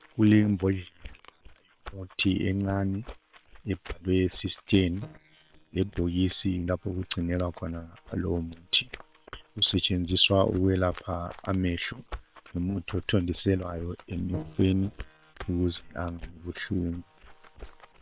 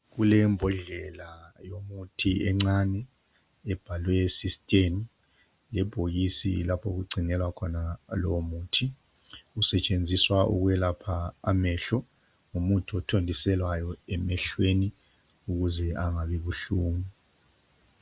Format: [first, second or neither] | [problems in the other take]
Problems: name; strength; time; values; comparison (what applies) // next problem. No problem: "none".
second | noise reduction (neural separator model SepFormer WHAM!)